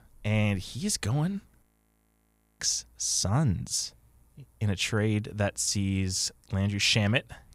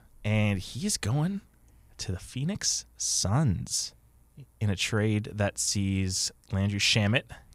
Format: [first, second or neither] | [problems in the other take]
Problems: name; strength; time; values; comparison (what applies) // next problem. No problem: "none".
second | audio freezing; at 1.5 s for 1 s